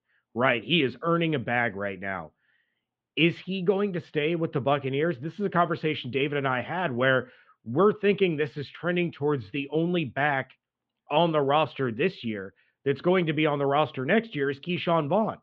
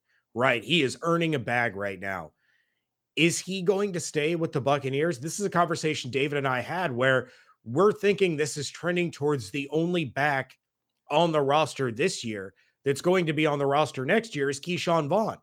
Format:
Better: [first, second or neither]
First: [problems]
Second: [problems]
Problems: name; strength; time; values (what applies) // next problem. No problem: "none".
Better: second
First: muffled; very; fading above 3.5 kHz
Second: none